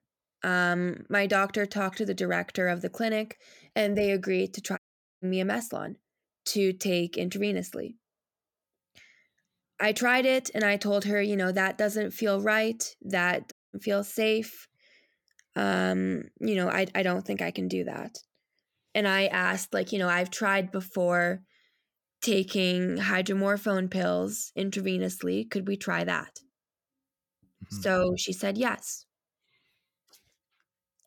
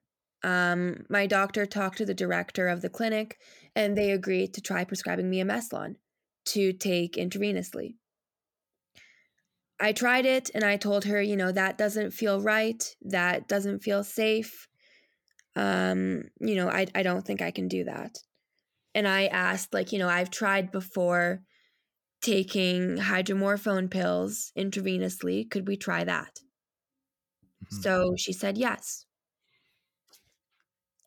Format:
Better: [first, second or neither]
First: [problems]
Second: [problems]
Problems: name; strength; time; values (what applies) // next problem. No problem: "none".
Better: second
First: audio cutting out; at 5 s and at 14 s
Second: none